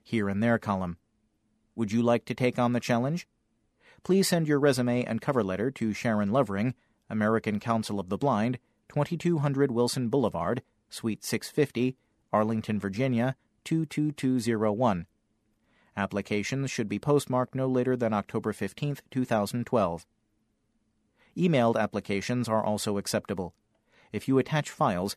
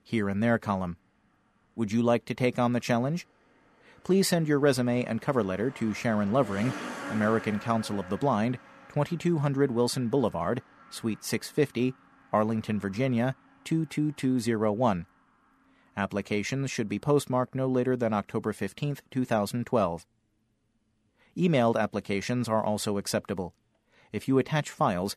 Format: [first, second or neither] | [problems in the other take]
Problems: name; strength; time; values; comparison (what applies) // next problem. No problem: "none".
first | traffic noise; noticeable; throughout; 15 dB below the speech